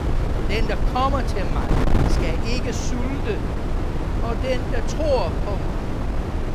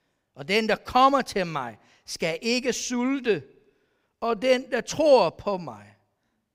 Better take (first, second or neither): second